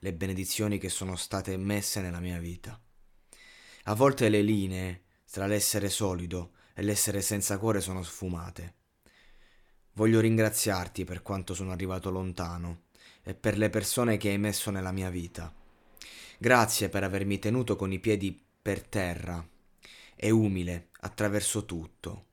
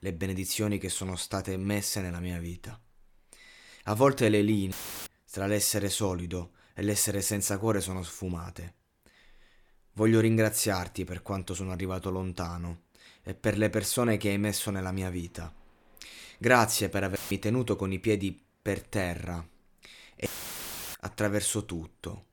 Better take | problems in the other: first | audio cutting out; filled with static; at 4.5 s, at 17 s and at 20 s for 0.5 s

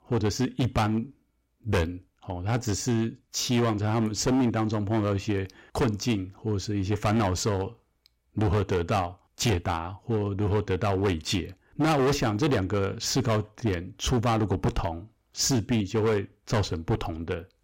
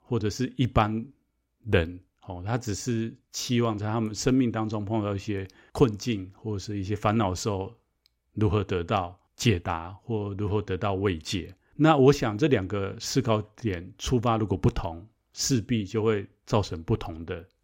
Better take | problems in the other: second | distortion; heavy; 11% of the sound clipped

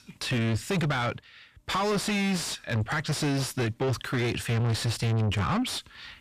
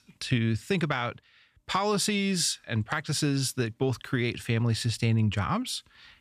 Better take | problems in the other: second | distortion; heavy; 6 dB below the speech

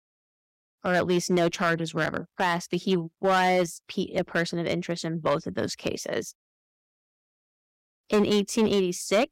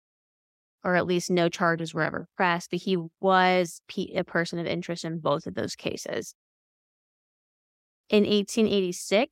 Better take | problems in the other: second | distortion; slight; 3% of the sound clipped

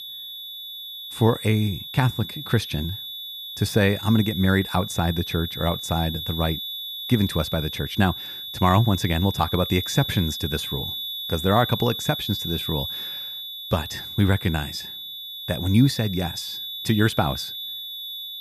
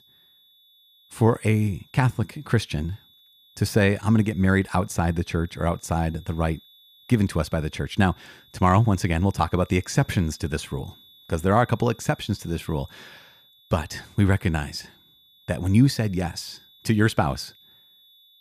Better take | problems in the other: second | high-pitched whine; loud; throughout; 3.5 kHz, 7 dB below the speech; faint in the second

